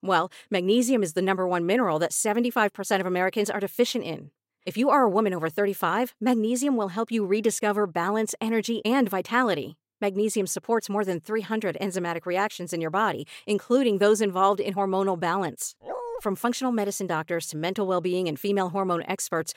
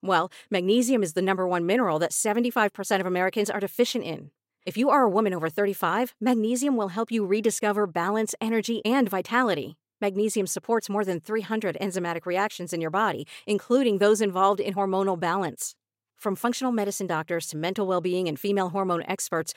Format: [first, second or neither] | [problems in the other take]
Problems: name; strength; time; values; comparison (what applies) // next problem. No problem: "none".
second | dog barking; noticeable; at 16 s; peak 9 dB below the speech